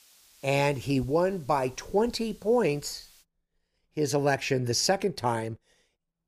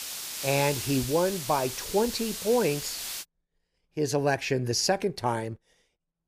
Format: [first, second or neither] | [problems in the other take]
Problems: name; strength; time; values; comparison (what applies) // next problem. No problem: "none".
first | hiss; loud; until 3 s; 6 dB below the speech; faint in the first